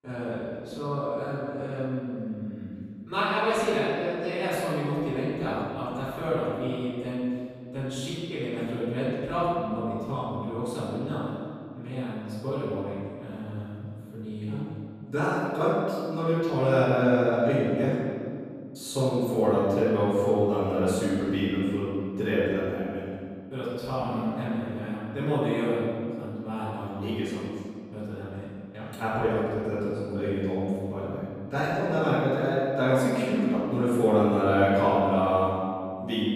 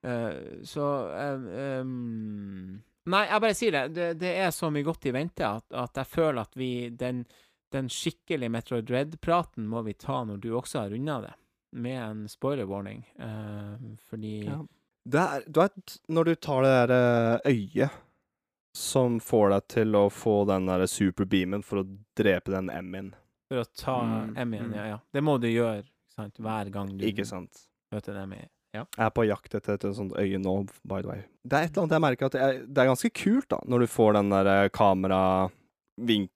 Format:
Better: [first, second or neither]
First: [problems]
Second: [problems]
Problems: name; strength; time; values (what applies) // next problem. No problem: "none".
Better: second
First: off-mic speech; far // room echo; strong; dies away in 2 s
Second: none